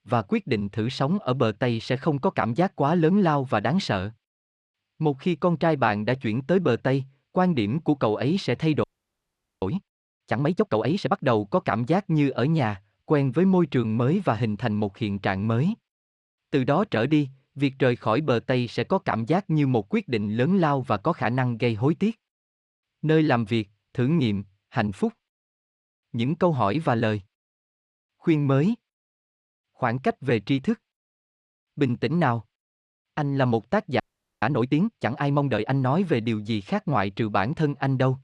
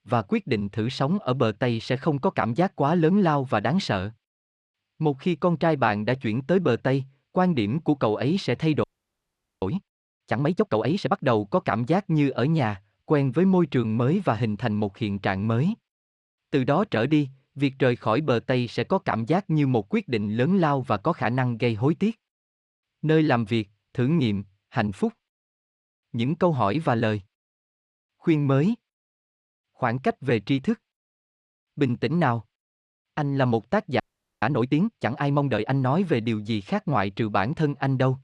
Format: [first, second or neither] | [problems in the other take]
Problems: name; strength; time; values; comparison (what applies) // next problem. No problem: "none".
neither | audio freezing; at 9 s for 1 s and at 34 s; the same in both